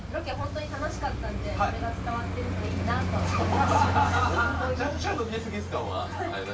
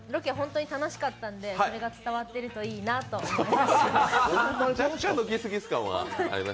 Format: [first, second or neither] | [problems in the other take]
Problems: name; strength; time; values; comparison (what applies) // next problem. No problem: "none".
second | background sound (Traffic noise, roadway noise); 1 dB below the speech // room echo; dies away in 0.2 s